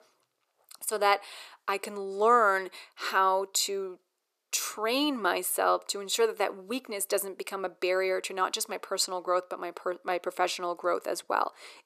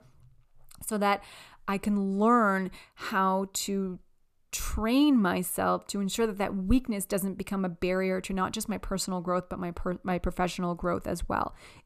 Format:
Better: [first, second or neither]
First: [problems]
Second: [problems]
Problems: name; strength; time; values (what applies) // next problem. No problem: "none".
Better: second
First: thin; very; fading below 400 Hz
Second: none